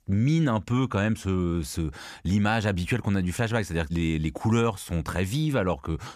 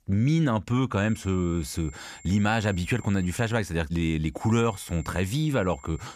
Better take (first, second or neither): first